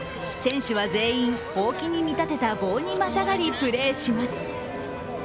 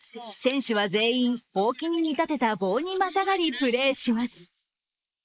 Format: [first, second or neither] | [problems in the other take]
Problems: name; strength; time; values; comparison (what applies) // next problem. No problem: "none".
first | noise reduction (neural mask model Resemble Enhance denoiser)